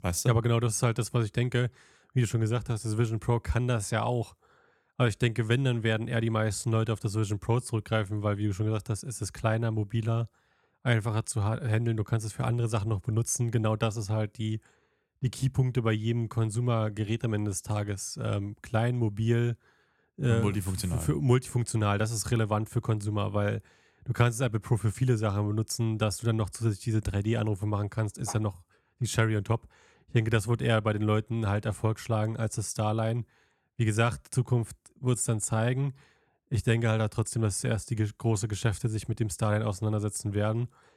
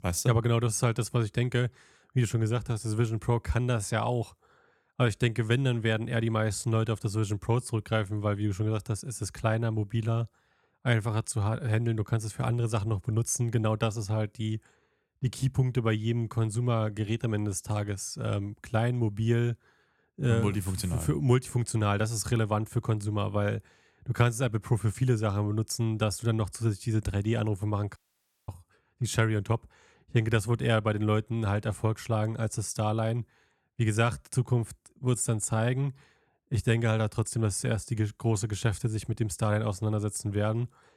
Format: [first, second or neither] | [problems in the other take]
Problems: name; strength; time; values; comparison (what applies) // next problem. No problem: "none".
first | audio cutting out; at 28 s for 0.5 s